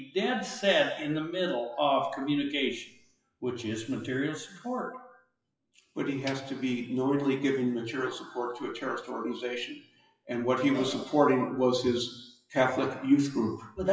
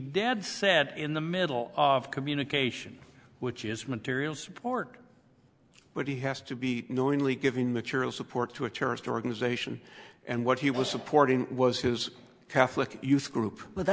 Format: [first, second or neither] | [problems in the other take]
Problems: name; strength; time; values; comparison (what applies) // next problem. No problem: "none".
second | noise reduction (classical method WPE with log-MMSE)